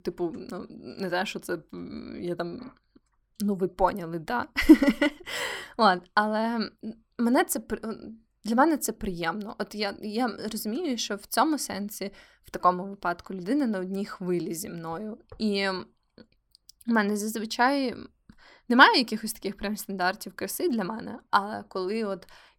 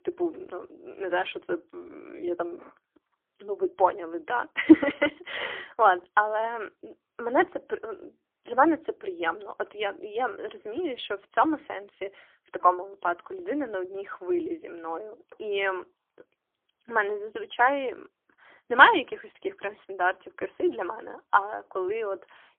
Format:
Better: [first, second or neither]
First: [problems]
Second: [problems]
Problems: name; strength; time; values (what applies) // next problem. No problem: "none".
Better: first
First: none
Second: phone-call audio; poor line; nothing above 3.5 kHz